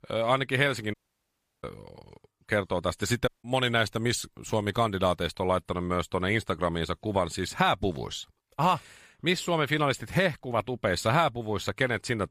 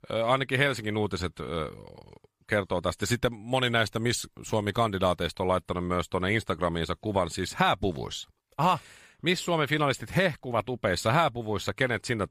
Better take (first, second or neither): second